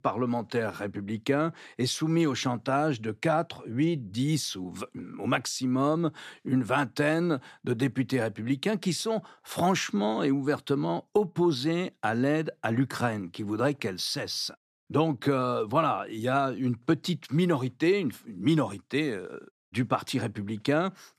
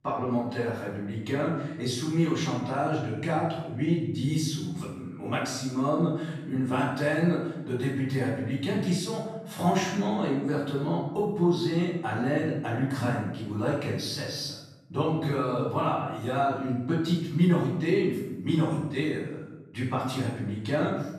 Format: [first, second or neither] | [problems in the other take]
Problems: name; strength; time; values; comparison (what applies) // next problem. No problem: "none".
first | off-mic speech; far // room echo; noticeable; dies away in 1 s